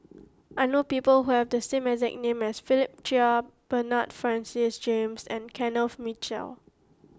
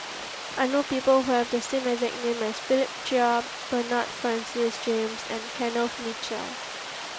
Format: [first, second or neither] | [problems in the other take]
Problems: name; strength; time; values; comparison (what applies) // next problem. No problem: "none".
first | background sound (Water); 9 dB below the speech